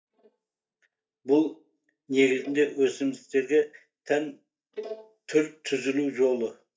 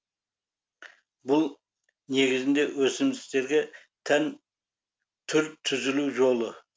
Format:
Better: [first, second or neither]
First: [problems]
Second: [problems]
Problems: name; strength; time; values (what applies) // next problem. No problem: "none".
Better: second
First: noise reduction (neural mask model DeepFilterNet 3)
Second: none